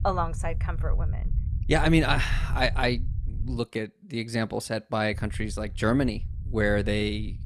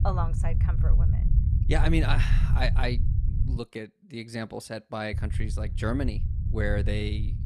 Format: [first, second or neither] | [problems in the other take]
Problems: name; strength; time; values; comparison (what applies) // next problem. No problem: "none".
first | low rumble; loud; until 3.5 s and from 5 s on; 10 dB below the speech; faint in the first